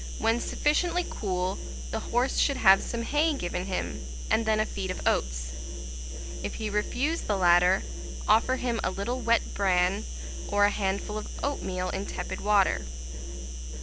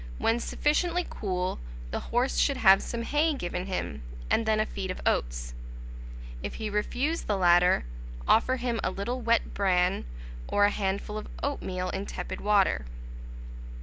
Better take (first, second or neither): second